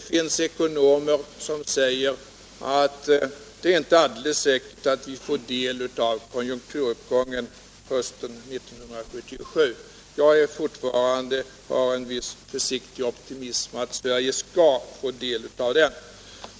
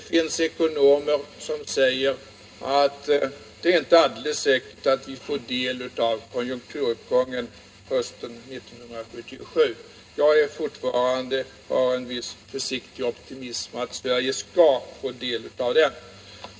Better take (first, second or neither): first